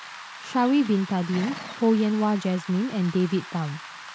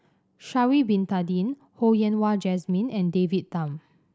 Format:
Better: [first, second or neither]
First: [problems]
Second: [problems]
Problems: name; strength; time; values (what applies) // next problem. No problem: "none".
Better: second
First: background sound (Rain + Livestock, farm animals, working animals); 15 dB below the speech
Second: none